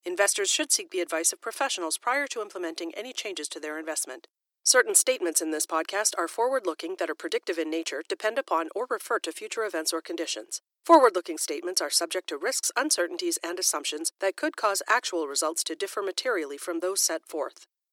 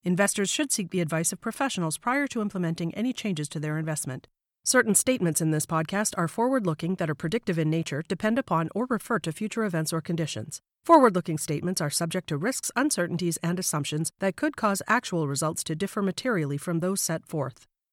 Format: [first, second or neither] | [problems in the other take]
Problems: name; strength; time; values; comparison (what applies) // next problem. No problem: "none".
second | thin; very; fading below 350 Hz